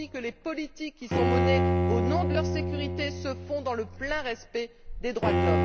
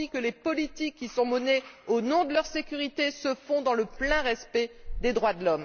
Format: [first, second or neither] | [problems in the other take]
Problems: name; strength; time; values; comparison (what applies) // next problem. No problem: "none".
second | background sound (Bowed string instrument); 4 dB above the speech